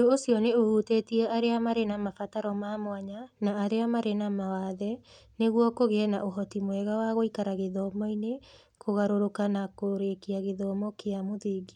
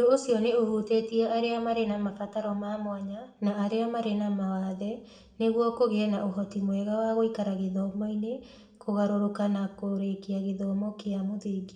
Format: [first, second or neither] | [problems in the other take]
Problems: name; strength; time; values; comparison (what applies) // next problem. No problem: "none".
first | room echo; dies away in 0.9 s